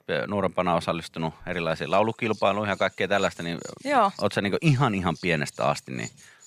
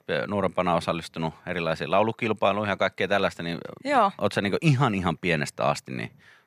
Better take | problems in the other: second | household noises; faint; from 1.5 s on; 20 dB below the speech

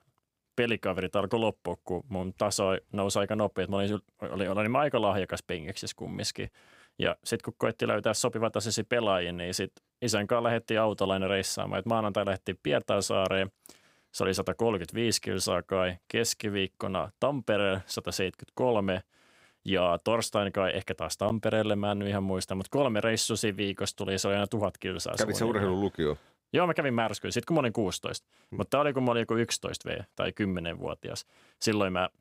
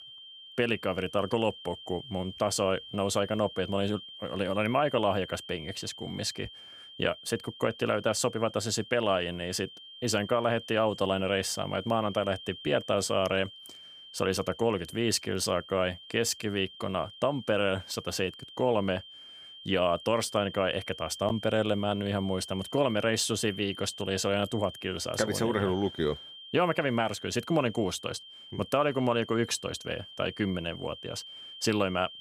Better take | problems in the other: first | high-pitched whine; noticeable; throughout; 3 kHz, 15 dB below the speech

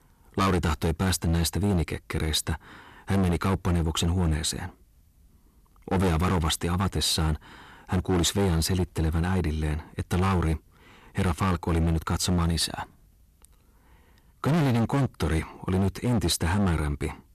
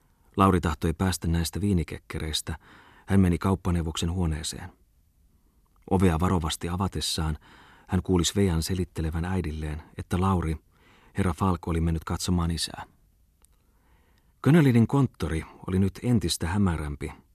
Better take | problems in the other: second | distortion; heavy; 16% of the sound clipped

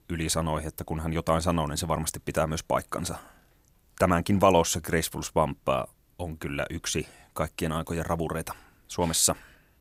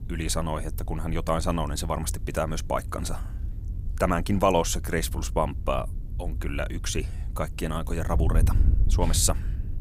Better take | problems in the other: first | wind noise on the microphone; occasional gusts; 20 dB below the speech

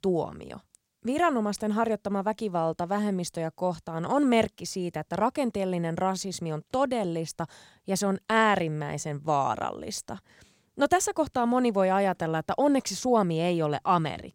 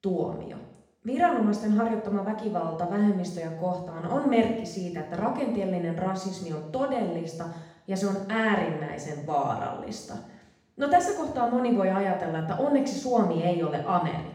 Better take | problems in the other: first | room echo; noticeable; dies away in 0.8 s // off-mic speech; far

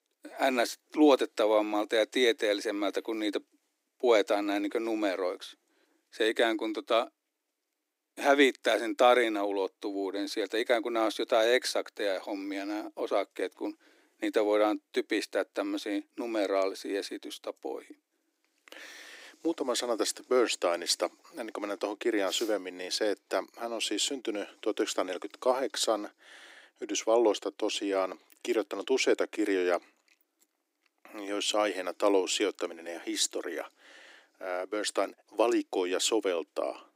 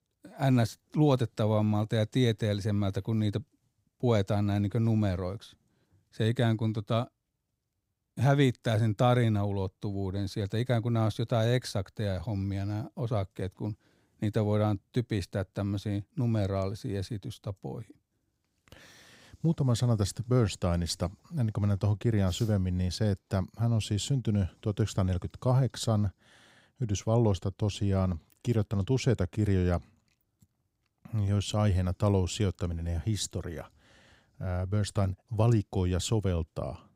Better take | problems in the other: second | thin; very; fading below 300 Hz

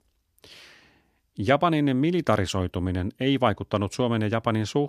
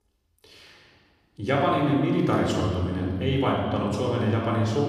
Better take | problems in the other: first | room echo; noticeable; dies away in 1.8 s // off-mic speech; somewhat distant

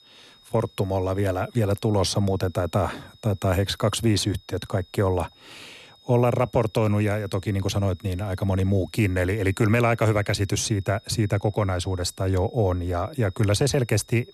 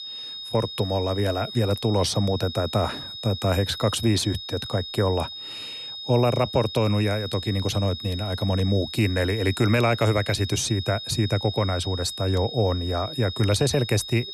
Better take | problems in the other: first | high-pitched whine; loud; throughout; 3.5 kHz, 9 dB below the speech; faint in the first

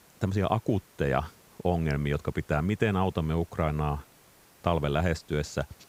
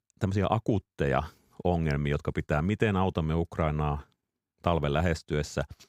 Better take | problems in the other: second | hiss; faint; throughout; 25 dB below the speech

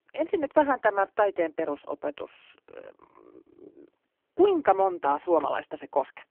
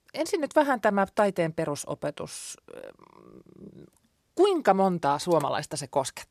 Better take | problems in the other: second | phone-call audio; poor line

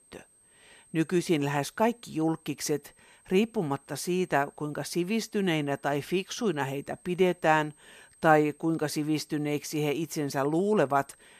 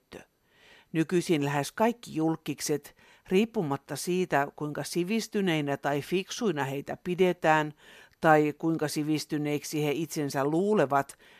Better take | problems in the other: second | high-pitched whine; faint; throughout; 8.5 kHz, 30 dB below the speech

